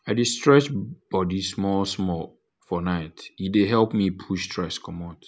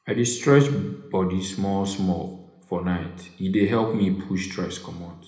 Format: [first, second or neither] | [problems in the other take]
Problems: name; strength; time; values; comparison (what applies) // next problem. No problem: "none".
first | room echo; dies away in 0.8 s